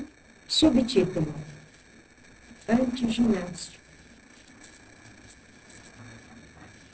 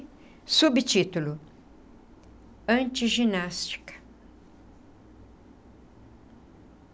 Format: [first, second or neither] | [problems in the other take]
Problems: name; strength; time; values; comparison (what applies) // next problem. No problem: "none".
second | noise reduction (neural separator model SepFormer DNS4)